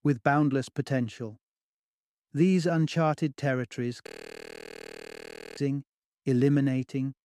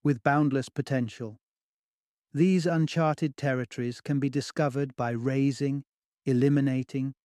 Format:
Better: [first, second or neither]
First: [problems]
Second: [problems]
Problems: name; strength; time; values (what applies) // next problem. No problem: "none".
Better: second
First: audio freezing; at 4 s for 1.5 s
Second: none